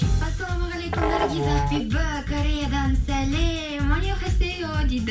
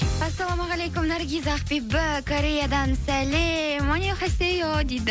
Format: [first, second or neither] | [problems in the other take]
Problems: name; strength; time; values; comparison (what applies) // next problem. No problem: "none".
second | background sound (Musical instrument); 7 dB below the speech // room echo; dies away in 0.3 s